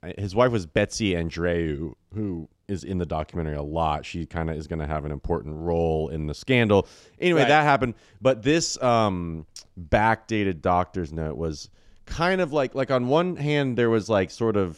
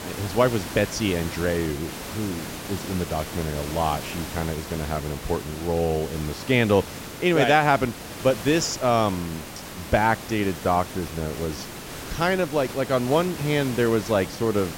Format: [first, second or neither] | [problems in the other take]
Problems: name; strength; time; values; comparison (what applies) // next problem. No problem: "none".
first | hiss; noticeable; throughout; 10 dB below the speech